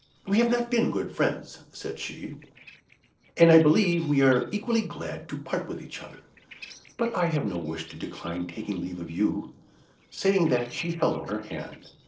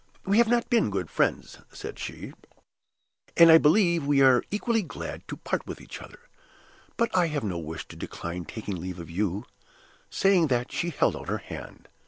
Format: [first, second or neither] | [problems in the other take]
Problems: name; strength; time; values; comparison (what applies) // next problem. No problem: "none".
second | noise reduction (neural separator model SepFormer DNS4)